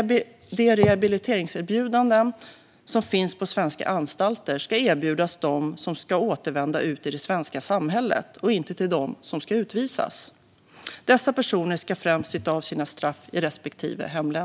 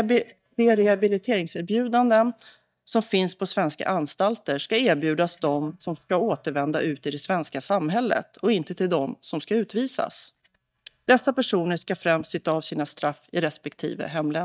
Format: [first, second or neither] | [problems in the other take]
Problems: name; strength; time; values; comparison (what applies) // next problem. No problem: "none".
first | noise reduction (neural mask model DeepFilterNet 3)